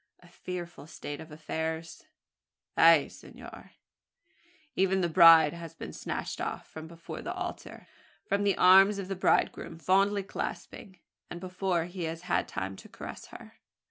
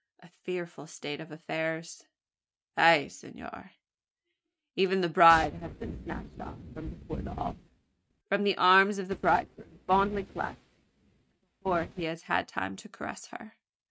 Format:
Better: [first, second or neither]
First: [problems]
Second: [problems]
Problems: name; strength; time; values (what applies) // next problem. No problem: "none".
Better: first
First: none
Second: noise reduction (neural mask model RNNoise)